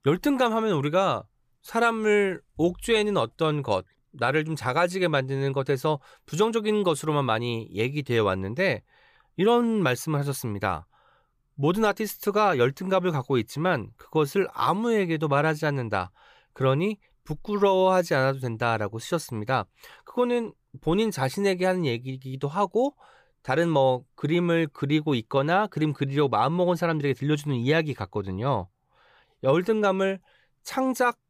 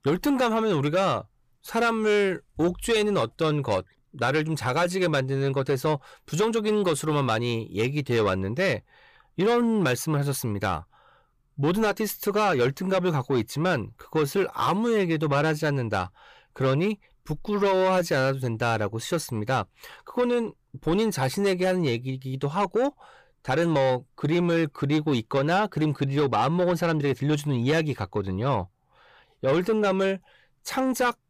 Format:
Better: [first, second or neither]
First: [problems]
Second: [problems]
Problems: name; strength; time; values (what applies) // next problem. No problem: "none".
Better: first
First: none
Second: distortion; slight; 10 dB below the speech